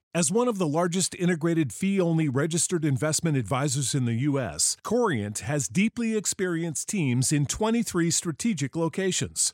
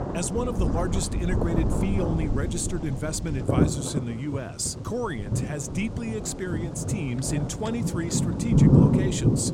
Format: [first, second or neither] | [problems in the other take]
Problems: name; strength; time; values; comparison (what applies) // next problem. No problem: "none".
first | rain or running water; very loud; throughout; 4 dB above the speech